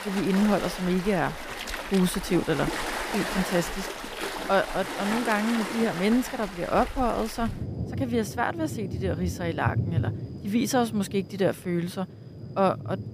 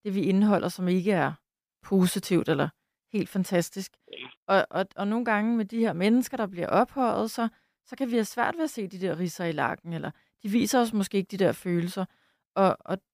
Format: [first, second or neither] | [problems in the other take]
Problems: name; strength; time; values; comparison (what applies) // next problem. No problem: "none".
second | rain or running water; loud; throughout; 6 dB below the speech